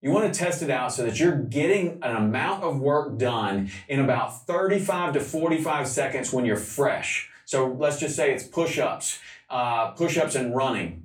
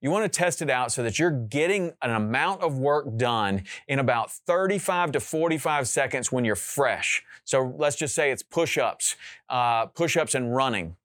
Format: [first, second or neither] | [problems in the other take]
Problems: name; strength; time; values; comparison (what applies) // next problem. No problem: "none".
second | off-mic speech; far // room echo; slight; dies away in 0.3 s